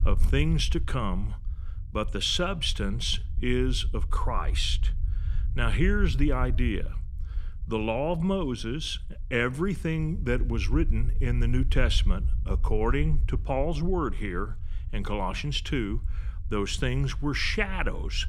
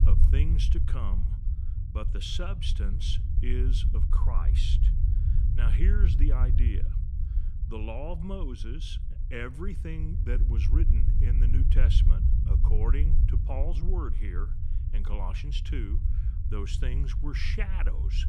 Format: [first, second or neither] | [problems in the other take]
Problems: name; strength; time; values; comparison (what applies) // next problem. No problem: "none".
first | low rumble; loud; throughout; 6 dB below the speech; faint in the first